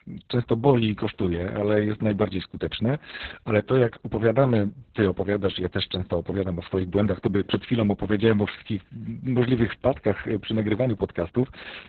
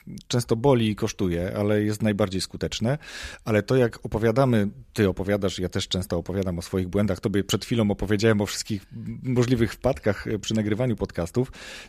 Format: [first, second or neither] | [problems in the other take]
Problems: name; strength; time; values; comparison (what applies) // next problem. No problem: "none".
second | garbled, watery; badly; nothing above 4 kHz